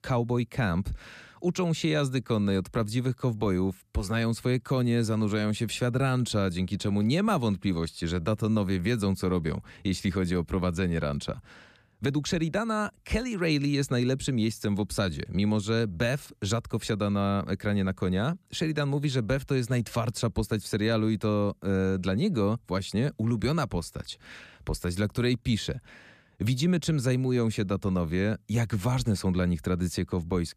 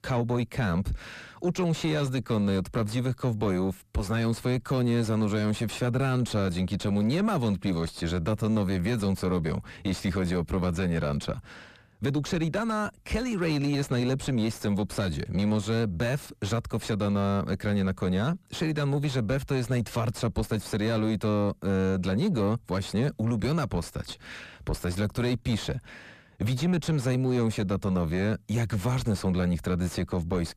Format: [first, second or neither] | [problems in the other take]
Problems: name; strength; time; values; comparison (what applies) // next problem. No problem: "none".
first | distortion; slight; 9 dB below the speech